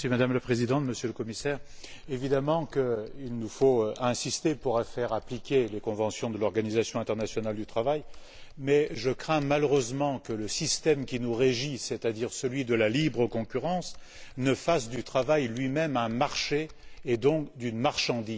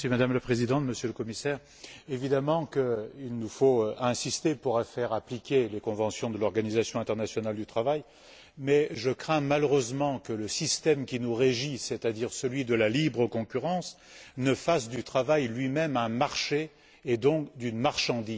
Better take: second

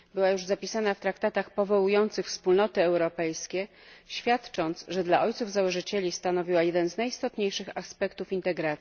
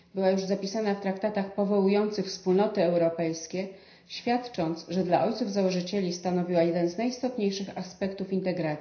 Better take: first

